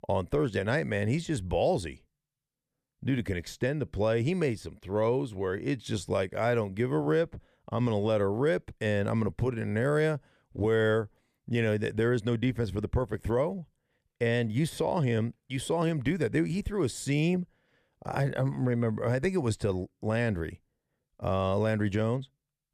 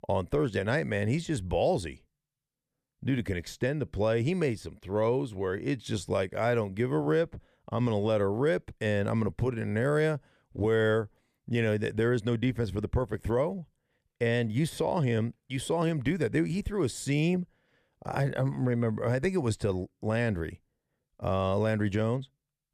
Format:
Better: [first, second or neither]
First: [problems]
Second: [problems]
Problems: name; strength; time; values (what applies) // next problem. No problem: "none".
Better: neither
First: none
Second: none